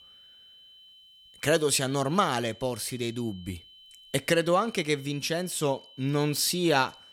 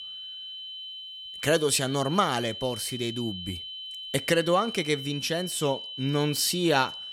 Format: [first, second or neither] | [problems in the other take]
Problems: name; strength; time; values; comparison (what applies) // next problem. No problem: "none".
first | high-pitched whine; loud; throughout; 3 kHz, 10 dB below the speech; faint in the first